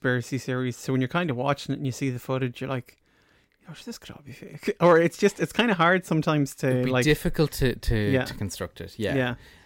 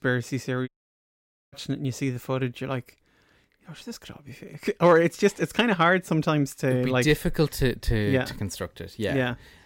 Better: first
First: none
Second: audio cutting out; at 0.5 s for 1 s

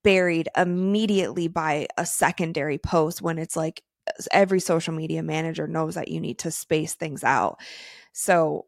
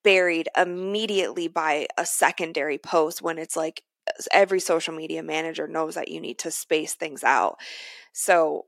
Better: first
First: none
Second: thin; somewhat; fading below 300 Hz

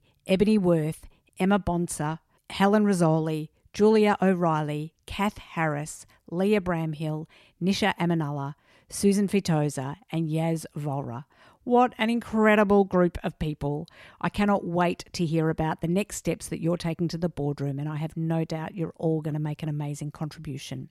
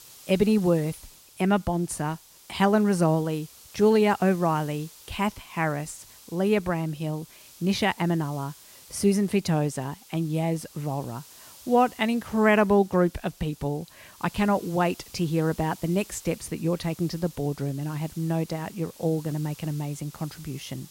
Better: first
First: none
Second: hiss; faint; throughout; 20 dB below the speech

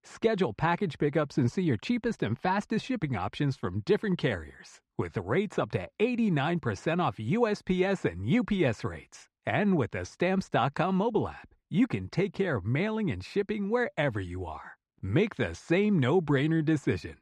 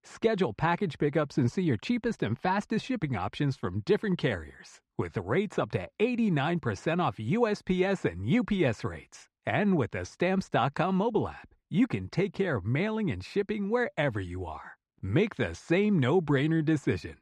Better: neither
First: muffled; slightly; fading above 3 kHz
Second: muffled; slightly; fading above 3 kHz

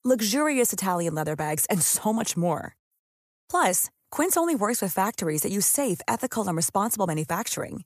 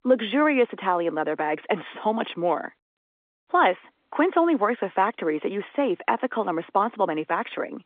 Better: first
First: none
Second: phone-call audio; nothing above 3.5 kHz

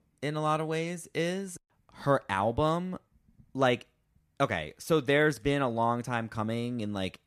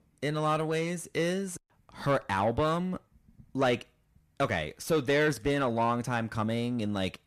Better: first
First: none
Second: distortion; slight; 10 dB below the speech

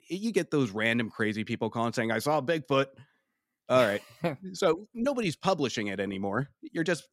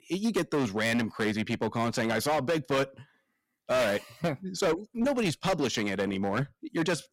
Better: first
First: none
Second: distortion; heavy; 12% of the sound clipped

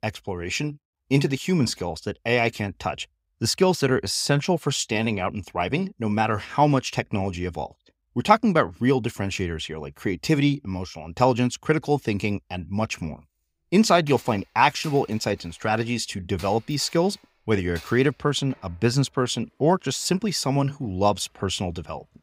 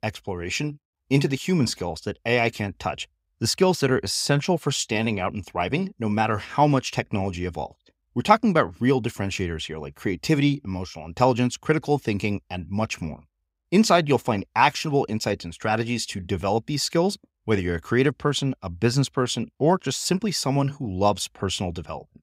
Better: second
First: household noises; faint; from 13 s on; 25 dB below the speech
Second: none

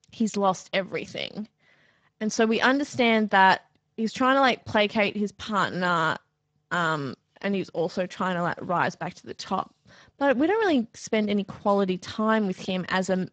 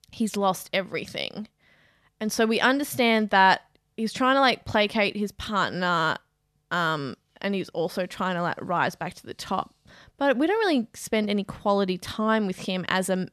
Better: second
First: garbled, watery; badly; nothing above 7.5 kHz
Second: none

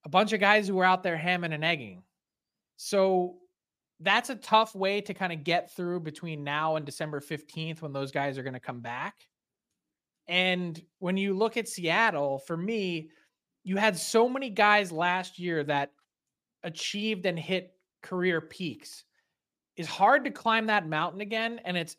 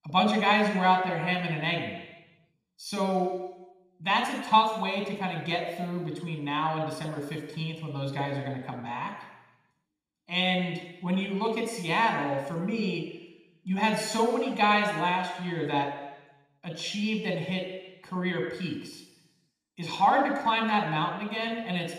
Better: first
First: none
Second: room echo; noticeable; dies away in 1.1 s // off-mic speech; somewhat distant

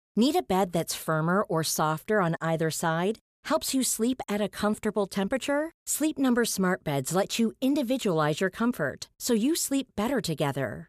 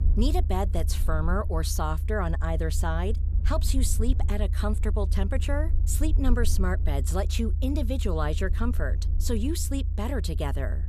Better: first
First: none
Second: low rumble; noticeable; throughout; 15 dB below the speech

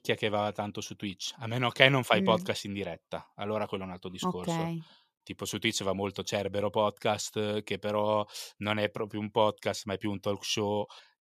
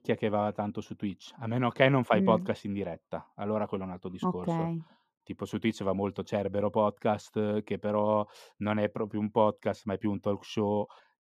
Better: first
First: none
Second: muffled; very; fading above 2.5 kHz

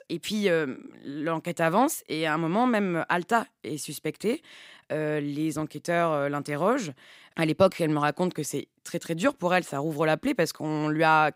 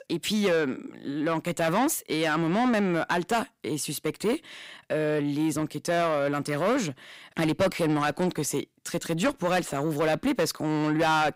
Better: first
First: none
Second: distortion; heavy; 8 dB below the speech

